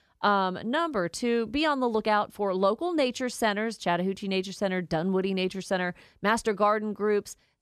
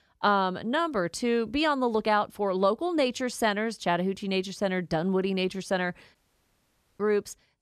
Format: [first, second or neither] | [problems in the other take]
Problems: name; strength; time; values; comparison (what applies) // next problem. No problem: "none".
first | audio cutting out; at 6 s for 1 s